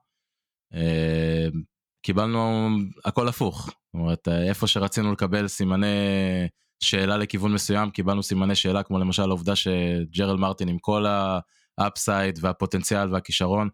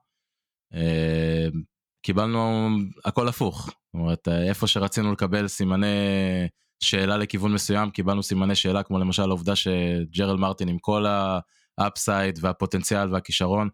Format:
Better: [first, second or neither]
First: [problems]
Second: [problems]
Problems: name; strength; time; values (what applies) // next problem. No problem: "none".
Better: neither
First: none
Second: none